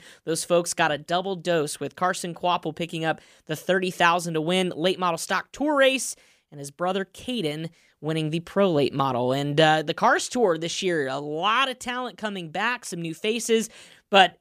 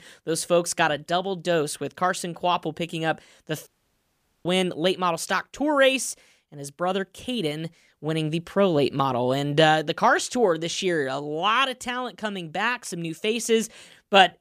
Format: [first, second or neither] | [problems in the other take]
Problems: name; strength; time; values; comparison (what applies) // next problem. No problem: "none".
first | audio cutting out; at 3.5 s for 1 s